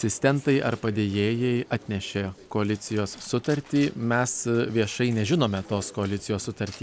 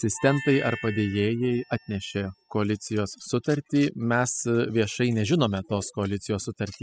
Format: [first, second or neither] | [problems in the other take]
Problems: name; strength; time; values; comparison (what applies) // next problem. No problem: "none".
first | noise reduction (classical method spectral subtraction)